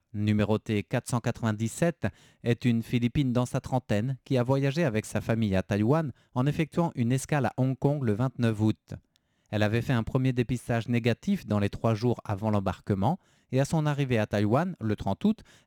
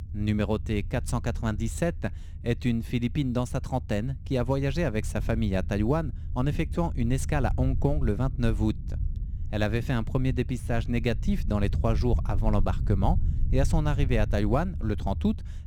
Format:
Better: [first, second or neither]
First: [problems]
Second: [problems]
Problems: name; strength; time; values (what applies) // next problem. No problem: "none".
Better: first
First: none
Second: low rumble; noticeable; throughout; 20 dB below the speech